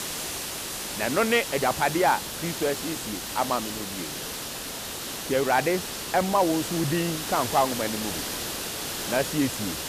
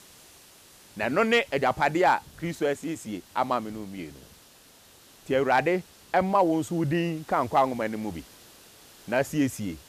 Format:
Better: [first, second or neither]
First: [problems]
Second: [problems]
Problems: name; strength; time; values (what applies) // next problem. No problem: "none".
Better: second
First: hiss; loud; throughout; 5 dB below the speech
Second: hiss; faint; throughout; 25 dB below the speech